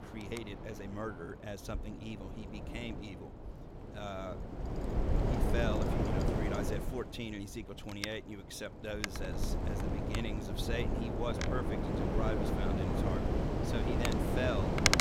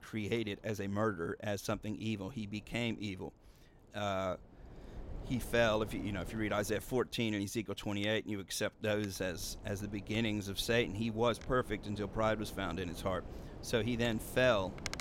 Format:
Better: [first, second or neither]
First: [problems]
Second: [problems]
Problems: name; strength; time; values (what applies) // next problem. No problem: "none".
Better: second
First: wind noise on the microphone; heavy; 4 dB above the speech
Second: wind noise on the microphone; occasional gusts; 15 dB below the speech